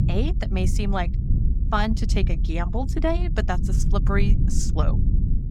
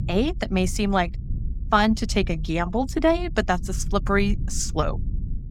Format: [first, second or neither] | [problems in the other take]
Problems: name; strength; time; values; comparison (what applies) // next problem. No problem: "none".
second | low rumble; loud; throughout; 10 dB below the speech; faint in the second